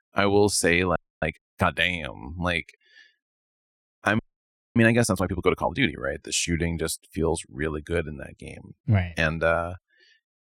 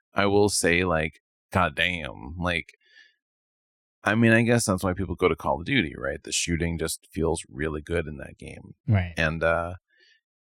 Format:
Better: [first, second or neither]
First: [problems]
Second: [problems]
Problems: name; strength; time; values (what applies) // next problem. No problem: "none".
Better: second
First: audio freezing; at 1 s and at 4 s for 0.5 s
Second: none